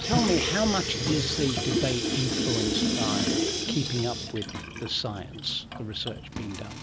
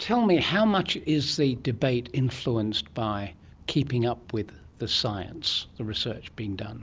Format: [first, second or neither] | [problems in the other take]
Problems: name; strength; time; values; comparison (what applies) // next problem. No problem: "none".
second | background sound (Sink (filling or washing) / Water tap, faucet); as loud as the speech